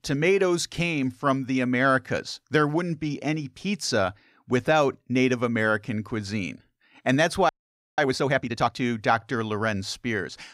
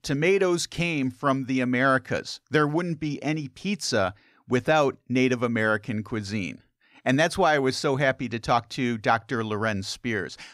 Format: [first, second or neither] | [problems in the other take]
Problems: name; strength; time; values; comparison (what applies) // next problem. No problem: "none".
second | audio freezing; at 7.5 s